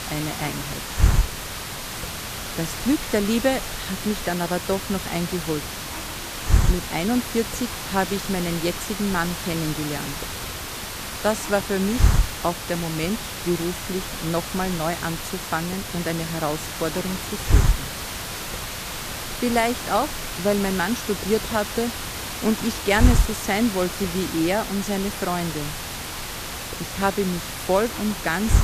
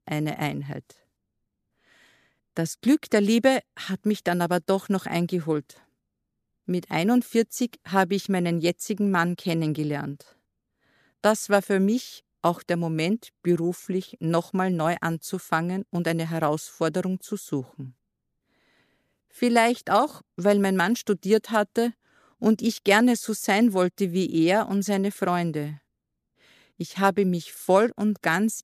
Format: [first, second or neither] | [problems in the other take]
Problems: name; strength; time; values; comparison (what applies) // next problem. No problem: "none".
second | hiss; loud; throughout; 2 dB below the speech